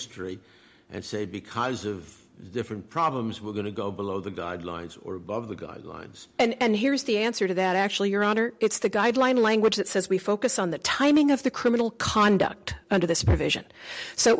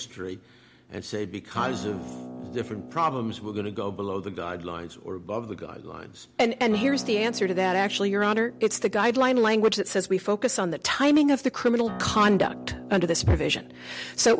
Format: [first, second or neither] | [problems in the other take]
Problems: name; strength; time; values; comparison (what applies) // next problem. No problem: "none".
first | background sound (Acoustic guitar); 16 dB below the speech